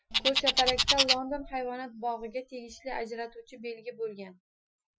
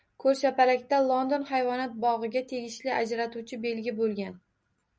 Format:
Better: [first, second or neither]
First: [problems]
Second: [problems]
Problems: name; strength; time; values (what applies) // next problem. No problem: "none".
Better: second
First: noise reduction (classical method Wiener filter)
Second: none